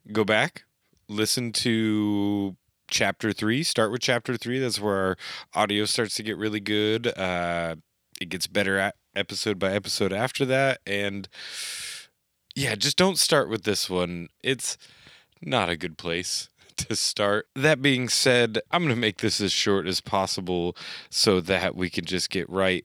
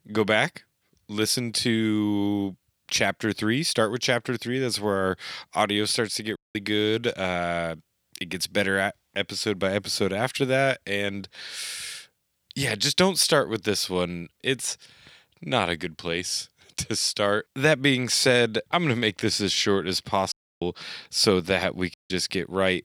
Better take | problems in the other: first | audio cutting out; at 6.5 s, at 20 s and at 22 s

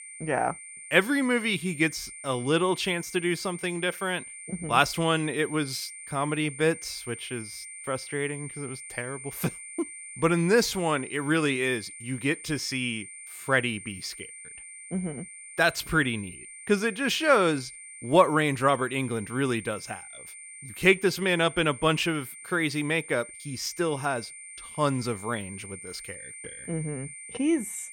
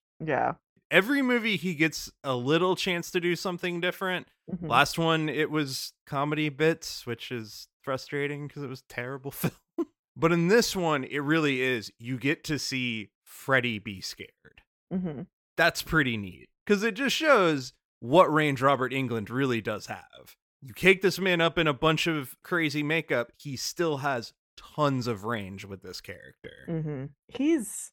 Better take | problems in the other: second | high-pitched whine; noticeable; throughout; 9 kHz, 15 dB below the speech

